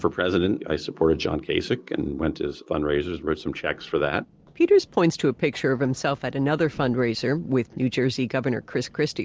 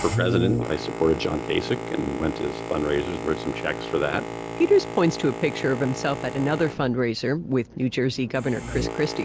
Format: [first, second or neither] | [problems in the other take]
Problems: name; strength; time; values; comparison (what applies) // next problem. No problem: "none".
first | background sound (Boat, Water vehicle); 7 dB below the speech